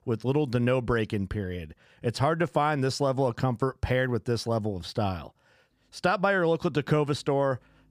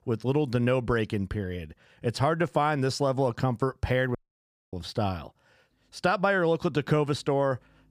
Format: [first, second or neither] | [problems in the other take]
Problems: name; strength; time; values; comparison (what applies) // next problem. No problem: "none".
first | audio cutting out; at 4 s for 0.5 s